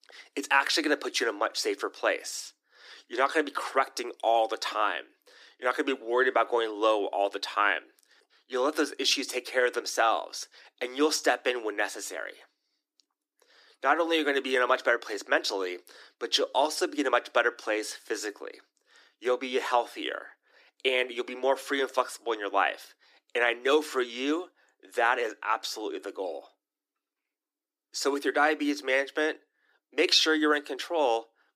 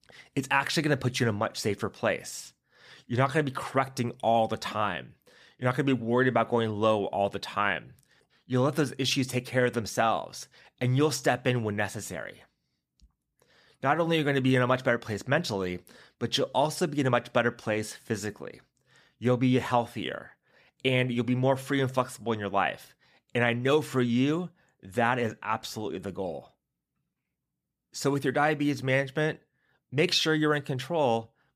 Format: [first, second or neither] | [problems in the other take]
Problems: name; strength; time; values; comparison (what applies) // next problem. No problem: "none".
second | thin; somewhat; fading below 300 Hz